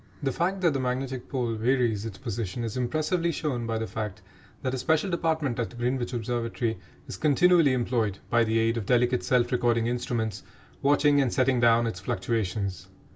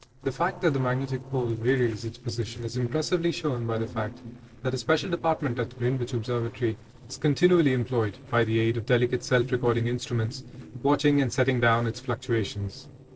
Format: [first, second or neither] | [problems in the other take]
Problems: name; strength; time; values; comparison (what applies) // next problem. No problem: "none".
first | noise reduction (neural separator model SepFormer DNS4)